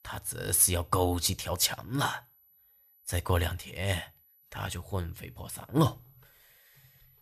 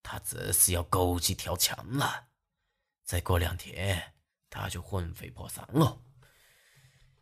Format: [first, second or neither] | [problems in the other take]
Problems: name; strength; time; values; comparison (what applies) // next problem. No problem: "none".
second | high-pitched whine; faint; throughout; 12 kHz, 30 dB below the speech